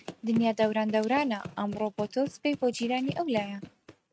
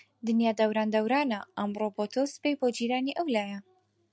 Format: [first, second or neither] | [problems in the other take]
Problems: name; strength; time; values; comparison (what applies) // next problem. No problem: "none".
second | noise reduction (neural mask model RNNoise)